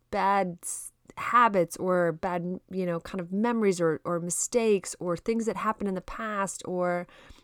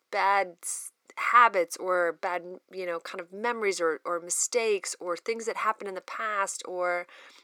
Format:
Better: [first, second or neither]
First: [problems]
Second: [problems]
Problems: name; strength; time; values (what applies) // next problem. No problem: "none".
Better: first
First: none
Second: thin; very; fading below 400 Hz